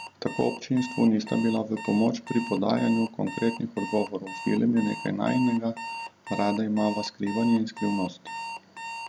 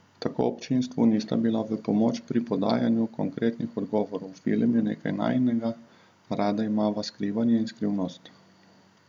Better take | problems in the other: second | background sound (Alarm); 12 dB below the speech

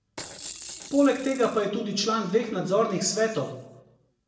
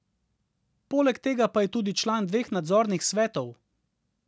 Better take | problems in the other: second | background sound (Rattle / Rattle (instrument)); 14 dB below the speech // room echo; dies away in 0.7 s

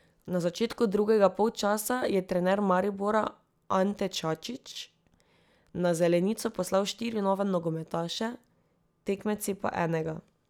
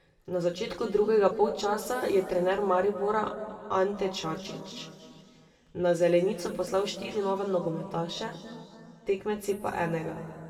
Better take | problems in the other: first | room echo; dies away in 2.4 s

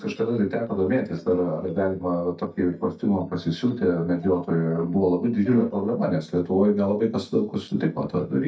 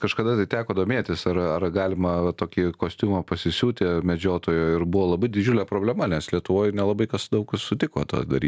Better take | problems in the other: second | noise reduction (neural mask model DeepFilterNet 3)

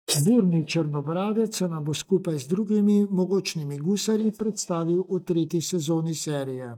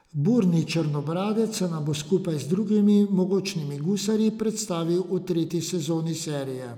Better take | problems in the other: second | noise reduction (neural mask model DeepFilterNet 3)

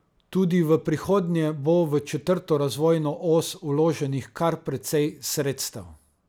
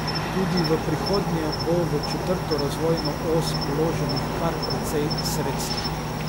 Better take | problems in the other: first | background sound (Cricket); 1 dB above the speech

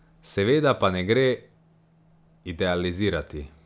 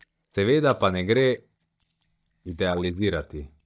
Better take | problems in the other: first | noise reduction (neural mask model DeepFilterNet 3)

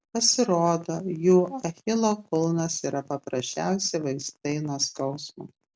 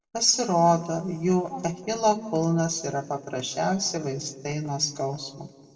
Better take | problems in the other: first | room echo; dies away in 1.3 s

